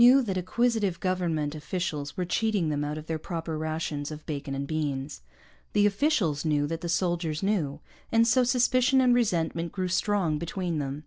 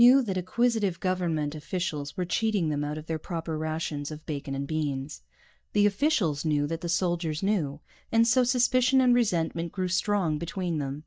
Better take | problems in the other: first | noise reduction (neural mask model DeepFilterNet 3)

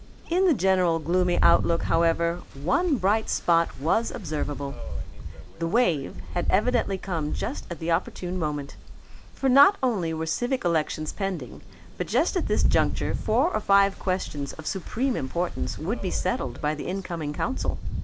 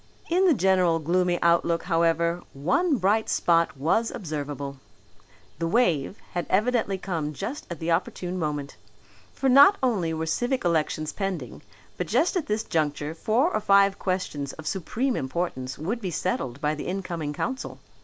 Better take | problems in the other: second | background sound (Rain); 4 dB below the speech

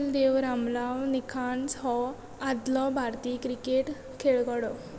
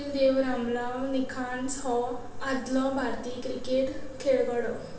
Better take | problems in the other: first | room echo; dies away in 0.5 s

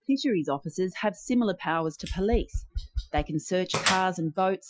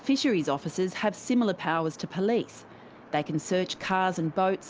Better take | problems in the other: second | noise reduction (classical method Wiener filter)

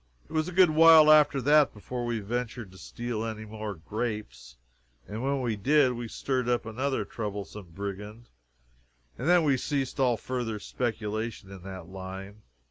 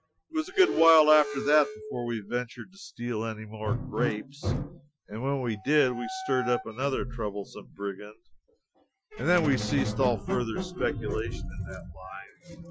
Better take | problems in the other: first | noise reduction (classical method Wiener filter)

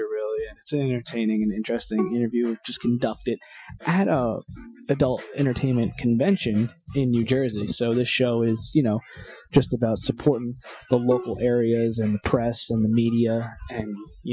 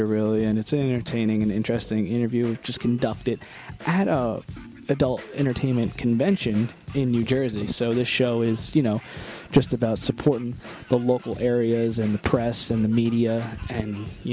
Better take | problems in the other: second | noise reduction (classical method Wiener filter)

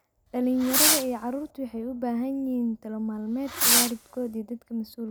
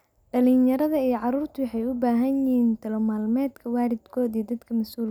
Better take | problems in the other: second | background sound (Fireworks); 4 dB above the speech

